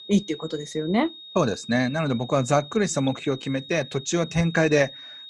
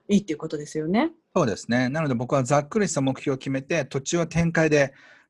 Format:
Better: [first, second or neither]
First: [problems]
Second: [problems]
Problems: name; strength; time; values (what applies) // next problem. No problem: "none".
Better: second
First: high-pitched whine; noticeable; throughout; 3.5 kHz, 15 dB below the speech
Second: none